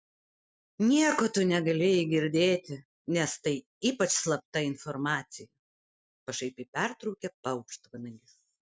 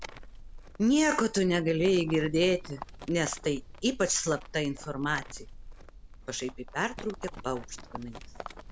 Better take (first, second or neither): first